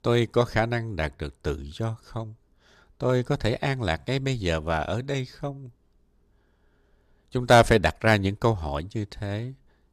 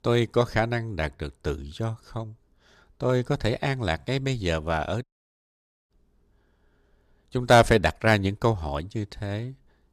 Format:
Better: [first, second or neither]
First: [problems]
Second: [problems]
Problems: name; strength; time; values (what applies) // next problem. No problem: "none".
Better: first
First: none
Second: audio cutting out; at 5 s for 1 s